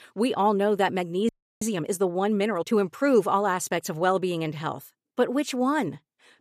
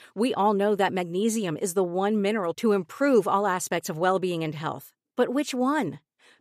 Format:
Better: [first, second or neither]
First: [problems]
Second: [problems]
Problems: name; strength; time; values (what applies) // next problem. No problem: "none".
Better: second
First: audio freezing; at 1.5 s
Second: none